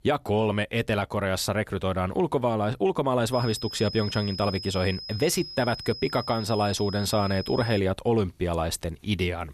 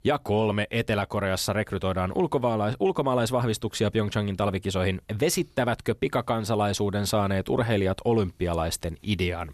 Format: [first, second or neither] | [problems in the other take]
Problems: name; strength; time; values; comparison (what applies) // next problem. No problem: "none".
second | high-pitched whine; noticeable; from 3.5 to 8 s; 5 kHz, 10 dB below the speech